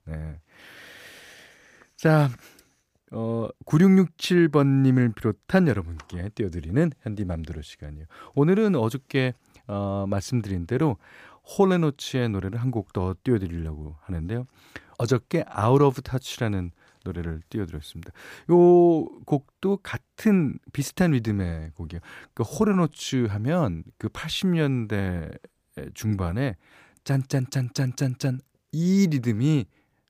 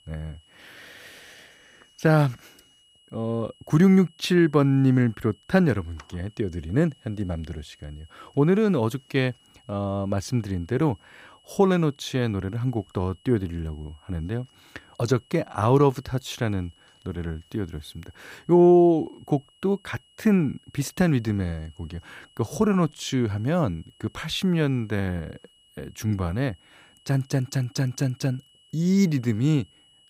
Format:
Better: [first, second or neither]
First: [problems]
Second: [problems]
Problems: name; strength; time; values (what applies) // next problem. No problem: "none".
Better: first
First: none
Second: high-pitched whine; faint; throughout; 3 kHz, 30 dB below the speech